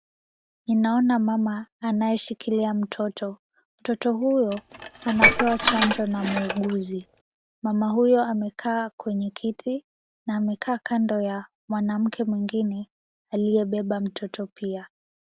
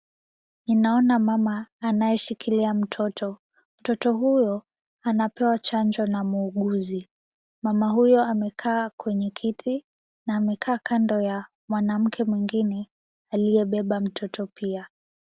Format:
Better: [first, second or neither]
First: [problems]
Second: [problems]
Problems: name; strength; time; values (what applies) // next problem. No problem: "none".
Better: second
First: background sound (Dishes, pots, and pans); 1 dB below the speech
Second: none